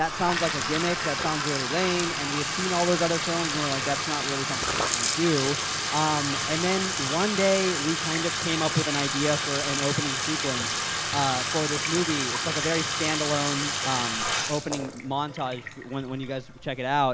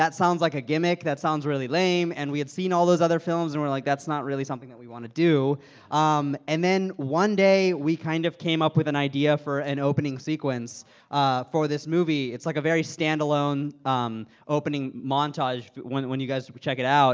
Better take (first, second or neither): second